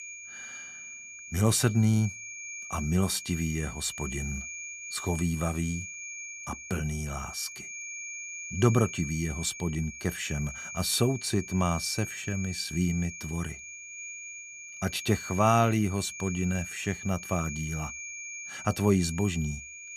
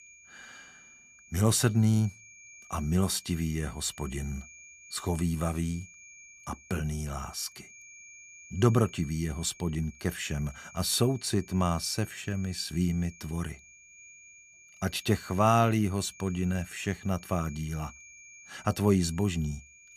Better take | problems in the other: second | high-pitched whine; loud; throughout; 2.5 kHz, 9 dB below the speech; faint in the second

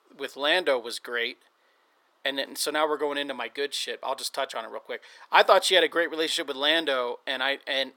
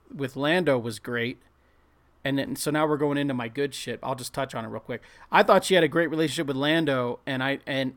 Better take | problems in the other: second | thin; somewhat; fading below 450 Hz

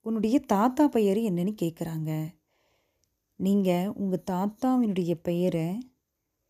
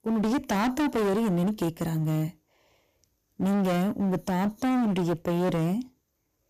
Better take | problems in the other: first | distortion; heavy; 24% of the sound clipped

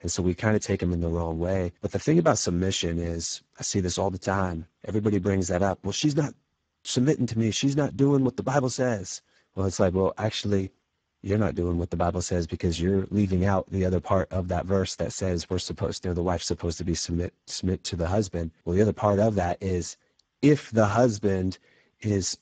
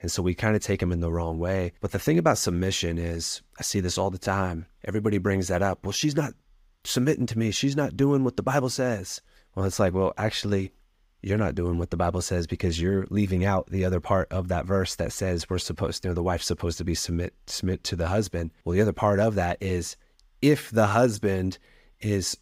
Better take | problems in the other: second | garbled, watery; badly; nothing above 7.5 kHz

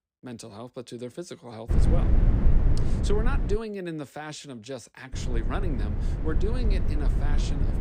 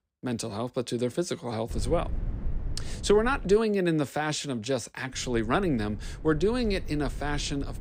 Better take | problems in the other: second | low rumble; loud; from 1.5 to 3.5 s and from 5 s on; 3 dB below the speech; faint in the second

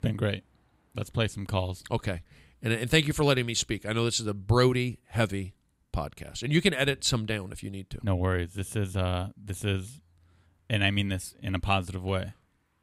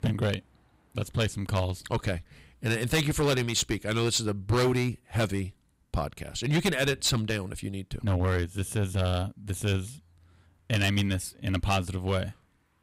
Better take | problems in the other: first | distortion; heavy; 6% of the sound clipped

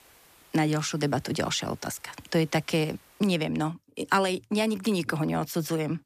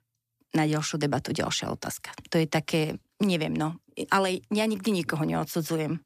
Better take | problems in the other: second | hiss; faint; until 3 s; 25 dB below the speech

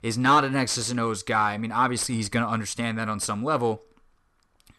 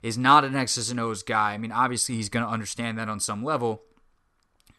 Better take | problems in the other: second | distortion; slight; 10 dB below the speech

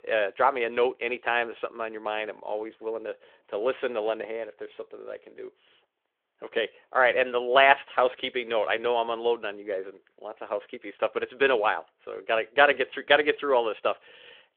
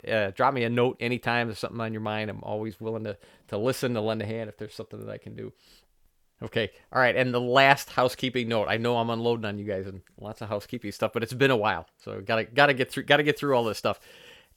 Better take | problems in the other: second | phone-call audio; nothing above 3.5 kHz

